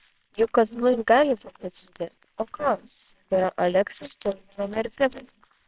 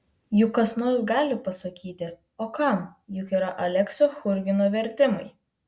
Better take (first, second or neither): second